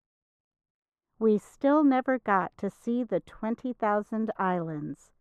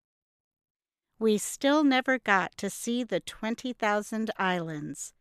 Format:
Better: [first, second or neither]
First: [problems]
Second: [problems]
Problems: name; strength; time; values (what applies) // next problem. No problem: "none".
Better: second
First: muffled; very; fading above 2 kHz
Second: none